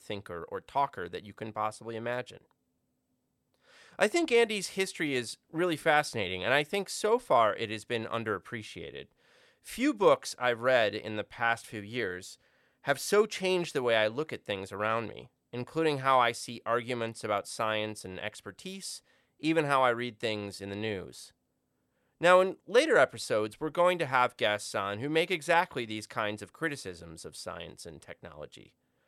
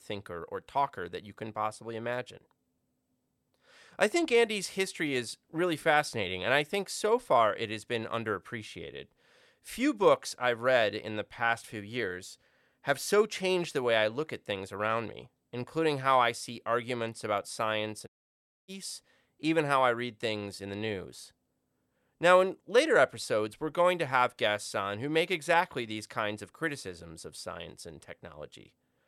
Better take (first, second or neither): first